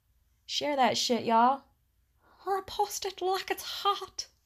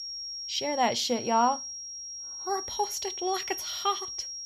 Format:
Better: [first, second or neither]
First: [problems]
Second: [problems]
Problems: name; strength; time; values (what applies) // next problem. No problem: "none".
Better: first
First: none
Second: high-pitched whine; loud; throughout; 5.5 kHz, 6 dB below the speech